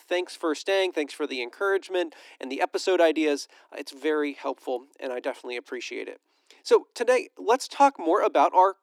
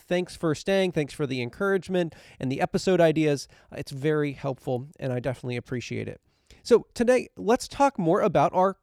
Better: second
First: thin; somewhat; fading below 300 Hz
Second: none

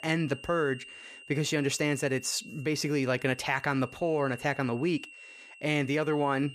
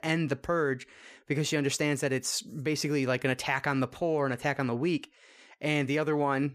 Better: second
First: high-pitched whine; noticeable; throughout; 3 kHz, 15 dB below the speech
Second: none

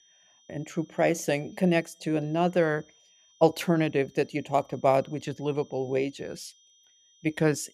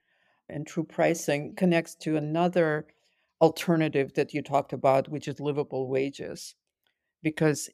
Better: second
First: high-pitched whine; faint; throughout; 3 kHz, 30 dB below the speech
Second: none

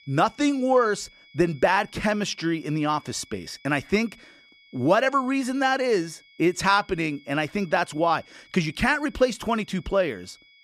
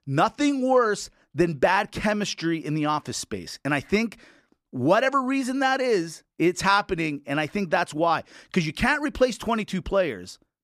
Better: second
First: high-pitched whine; faint; throughout; 2.5 kHz, 30 dB below the speech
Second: none

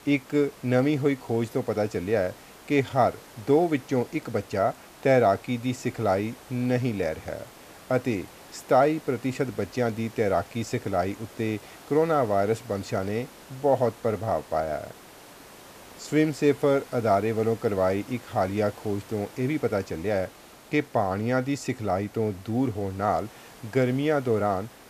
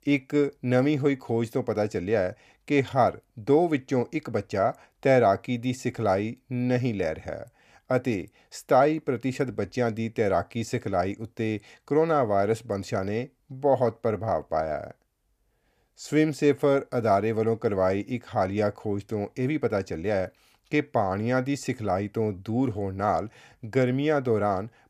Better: second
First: hiss; faint; throughout; 20 dB below the speech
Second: none

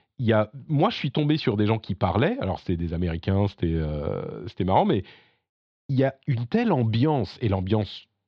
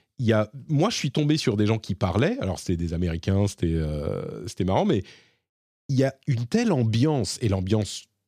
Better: second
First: muffled; slightly; fading above 4 kHz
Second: none

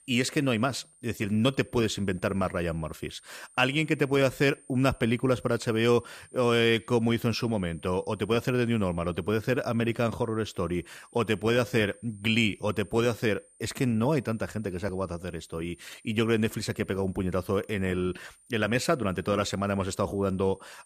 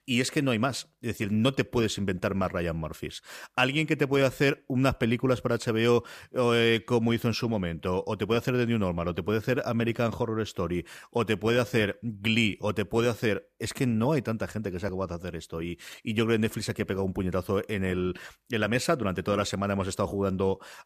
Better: second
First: high-pitched whine; faint; throughout; 9 kHz, 25 dB below the speech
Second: none

